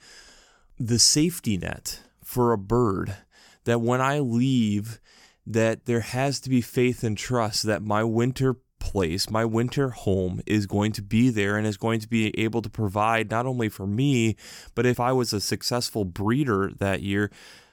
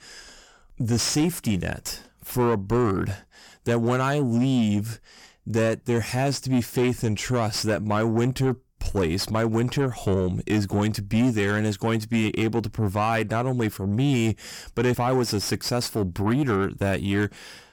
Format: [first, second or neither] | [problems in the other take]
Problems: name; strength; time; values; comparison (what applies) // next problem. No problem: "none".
first | distortion; slight; 10 dB below the speech